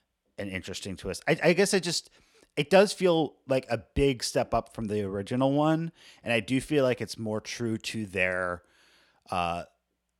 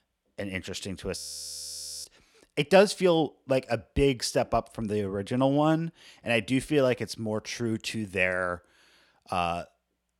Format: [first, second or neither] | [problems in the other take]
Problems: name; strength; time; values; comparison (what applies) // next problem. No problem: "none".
first | audio freezing; at 1 s for 1 s